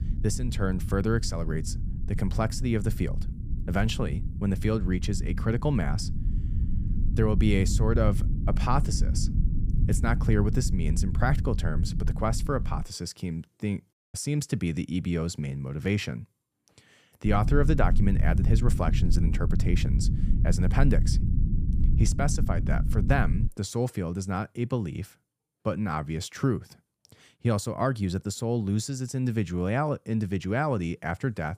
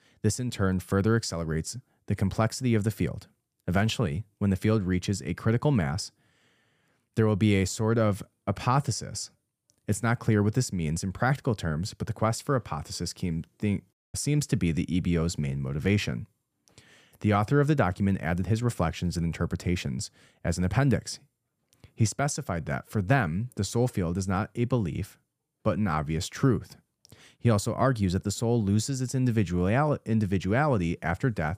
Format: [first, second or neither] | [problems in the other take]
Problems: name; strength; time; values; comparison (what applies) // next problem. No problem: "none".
second | low rumble; noticeable; until 13 s and from 17 to 23 s; 10 dB below the speech